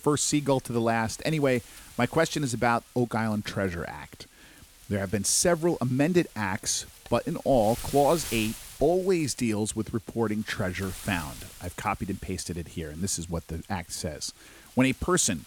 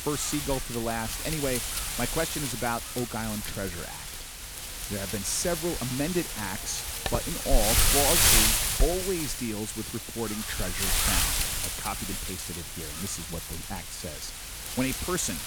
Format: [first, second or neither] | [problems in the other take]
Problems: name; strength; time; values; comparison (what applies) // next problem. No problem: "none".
first | wind noise on the microphone; heavy; 3 dB above the speech; occasional gusts in the first